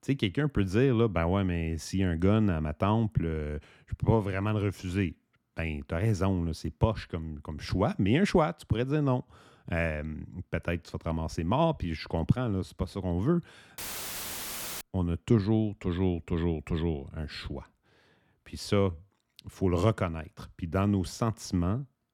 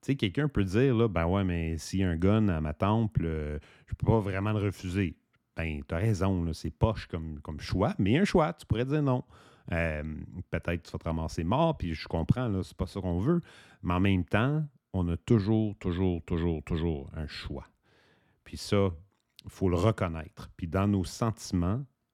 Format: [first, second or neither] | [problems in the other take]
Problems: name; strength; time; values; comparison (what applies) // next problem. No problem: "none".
second | audio cutting out; filled with static; at 14 s for 1 s